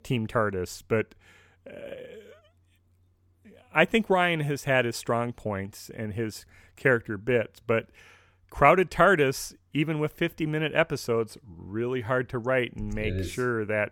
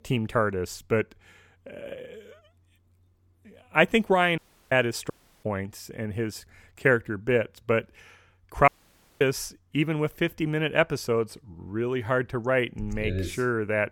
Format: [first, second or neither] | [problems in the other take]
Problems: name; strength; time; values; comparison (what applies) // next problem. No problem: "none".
first | audio cutting out; at 4.5 s, at 5 s and at 8.5 s for 0.5 s